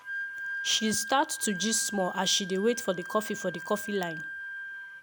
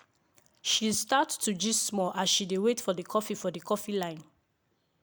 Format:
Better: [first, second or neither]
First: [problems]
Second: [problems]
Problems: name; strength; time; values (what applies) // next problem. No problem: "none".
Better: second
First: background sound (Wind instrument, woodwind instrument); 8 dB below the speech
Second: none